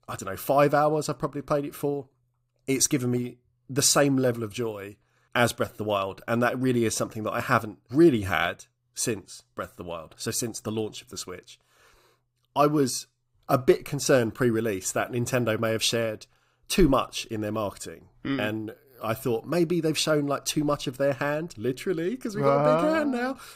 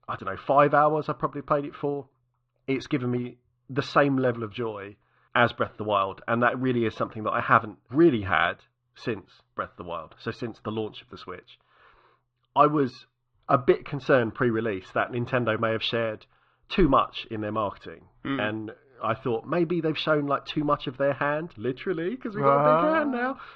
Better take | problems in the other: first | muffled; very; fading above 3.5 kHz

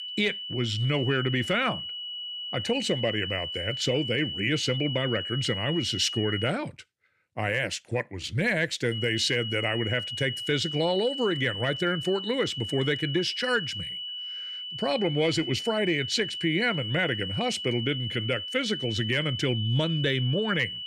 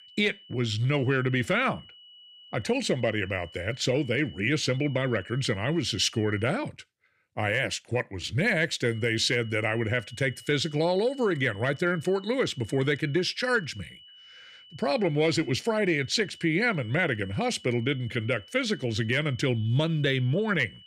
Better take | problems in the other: second | high-pitched whine; loud; until 6.5 s and from 9 s on; 3 kHz, 5 dB below the speech; faint in the second

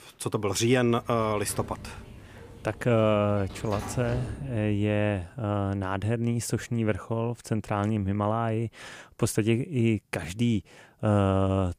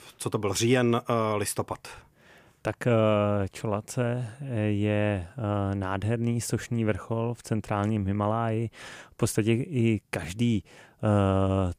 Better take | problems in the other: second | door banging; noticeable; from 1 to 5 s; peak 9 dB below the speech

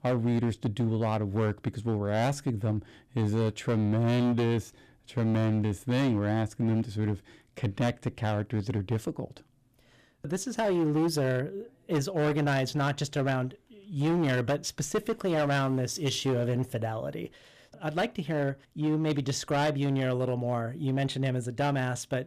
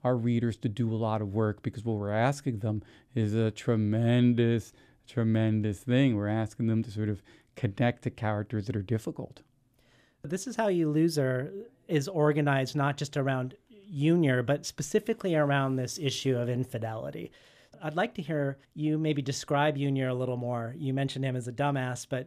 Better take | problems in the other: second | distortion; slight; 13% of the sound clipped

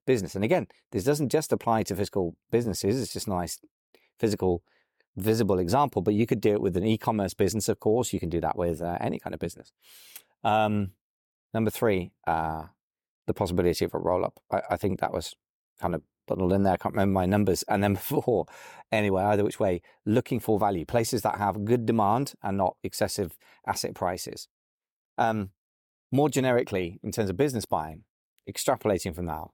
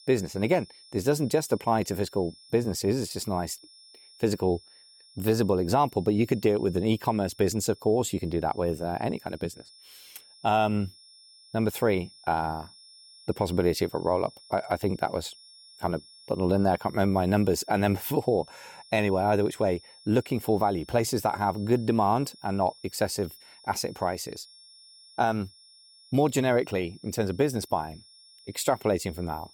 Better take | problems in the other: first | high-pitched whine; faint; throughout; 5.5 kHz, 25 dB below the speech

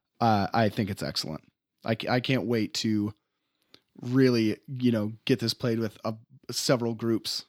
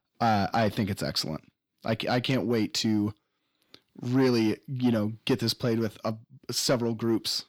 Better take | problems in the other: first | distortion; slight; 10 dB below the speech

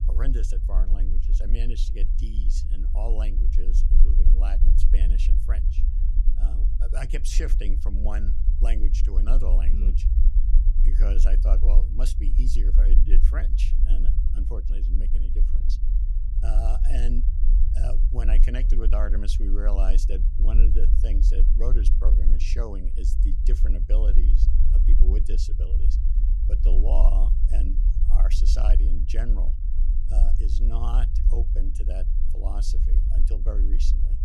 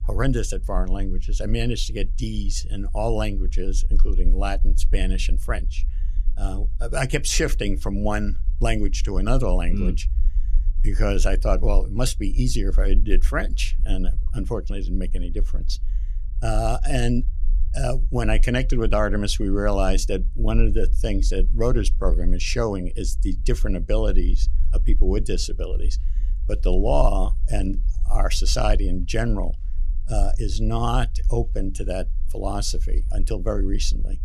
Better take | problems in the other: second | low rumble; loud; throughout; 7 dB below the speech; faint in the second

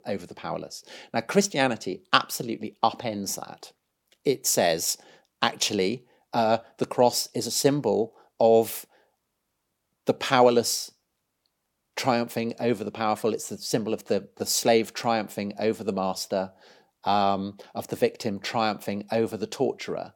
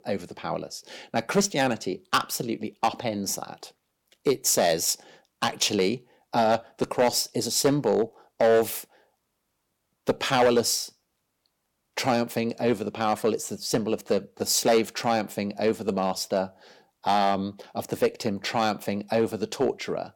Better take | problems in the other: first | distortion; slight; 2% of the sound clipped

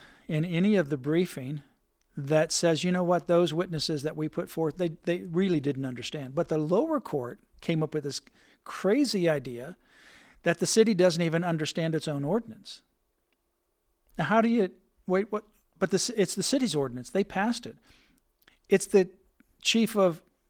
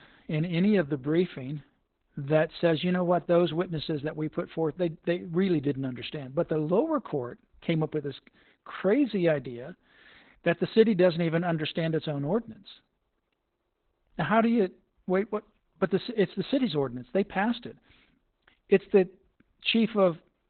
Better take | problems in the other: first | garbled, watery; badly; nothing above 4 kHz; slightly in the first

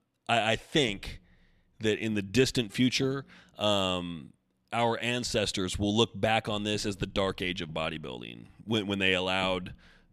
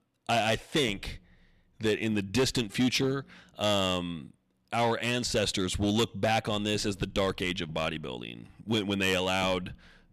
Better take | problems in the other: first | distortion; slight; 5% of the sound clipped

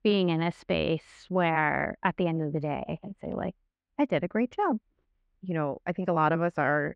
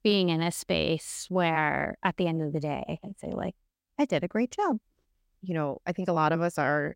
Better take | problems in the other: second | muffled; slightly; fading above 2 kHz

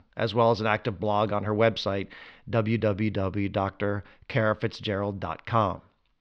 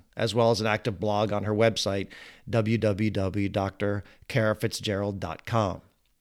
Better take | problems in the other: second | muffled; slightly; fading above 4 kHz

